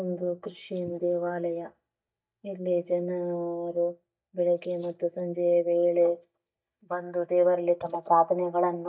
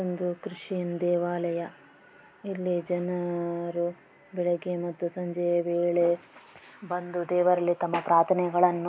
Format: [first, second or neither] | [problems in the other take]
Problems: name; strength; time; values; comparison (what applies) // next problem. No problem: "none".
second | noise reduction (neural mask model DeepFilterNet 3)